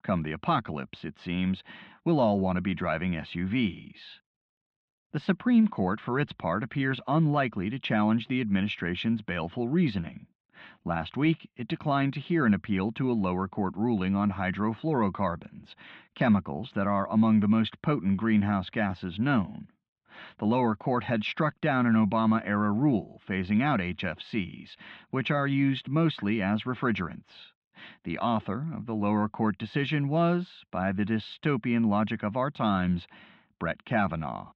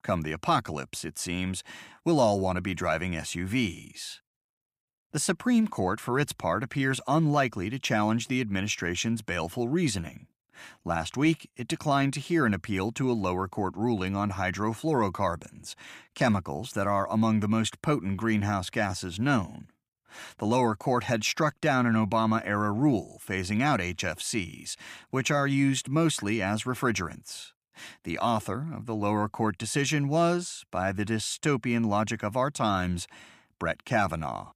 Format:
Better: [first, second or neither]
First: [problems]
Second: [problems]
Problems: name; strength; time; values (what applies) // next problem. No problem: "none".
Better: second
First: muffled; very; fading above 3.5 kHz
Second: none